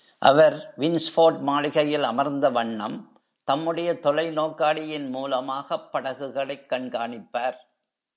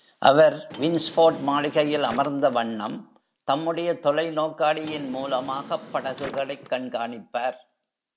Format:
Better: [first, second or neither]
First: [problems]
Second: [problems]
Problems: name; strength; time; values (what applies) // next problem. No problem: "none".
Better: first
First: none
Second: background sound (Drawer open or close); 18 dB below the speech